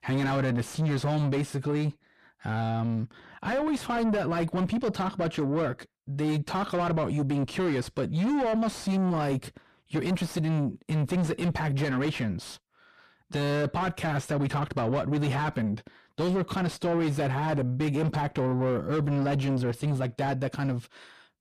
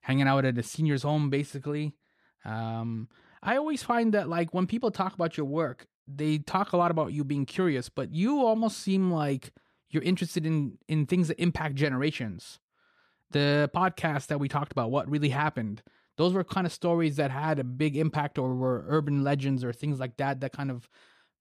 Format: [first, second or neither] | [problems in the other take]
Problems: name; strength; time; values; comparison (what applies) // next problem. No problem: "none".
second | distortion; heavy; 7 dB below the speech